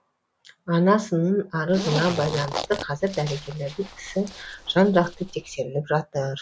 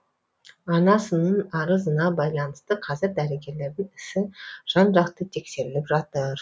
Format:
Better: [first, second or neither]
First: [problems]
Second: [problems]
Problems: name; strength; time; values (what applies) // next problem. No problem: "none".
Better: second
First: background sound (Zipper (clothing)); 10 dB below the speech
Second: none